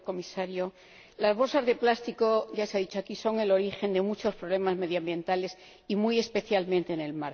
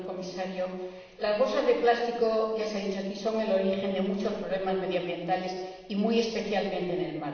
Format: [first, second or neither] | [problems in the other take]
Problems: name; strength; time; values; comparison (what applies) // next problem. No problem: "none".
first | room echo; dies away in 1.2 s